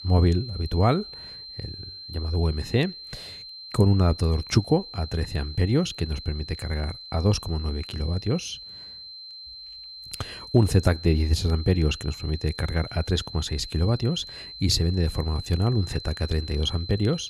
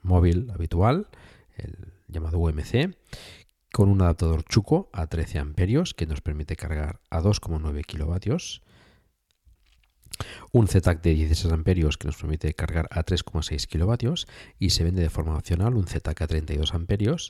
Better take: second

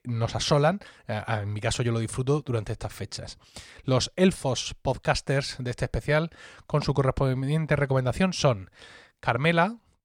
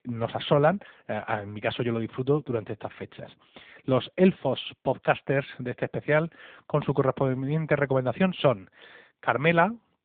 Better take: first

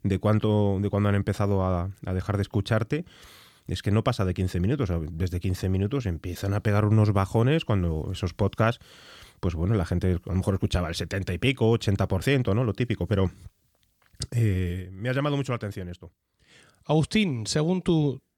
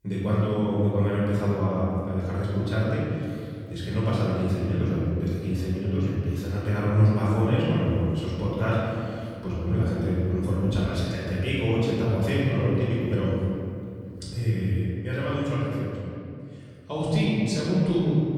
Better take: first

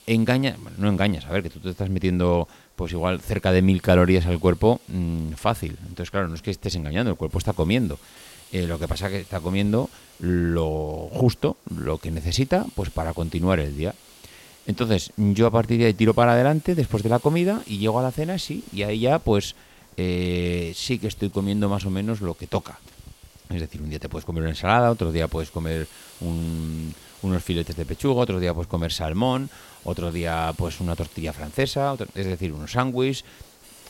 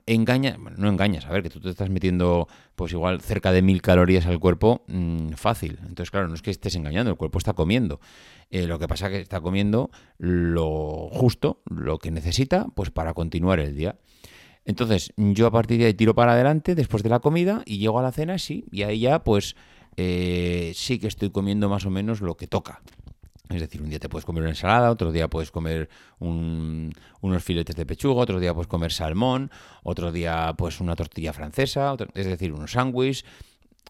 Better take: second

